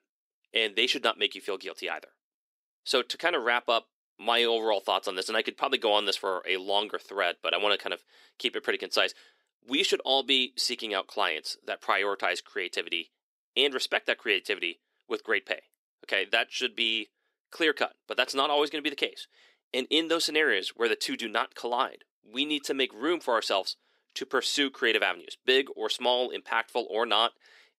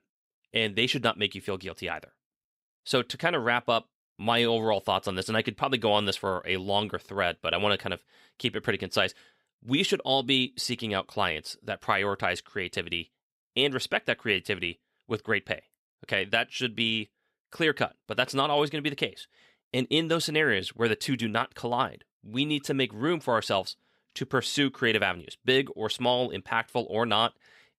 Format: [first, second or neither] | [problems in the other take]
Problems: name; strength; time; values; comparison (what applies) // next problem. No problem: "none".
second | thin; somewhat; fading below 300 Hz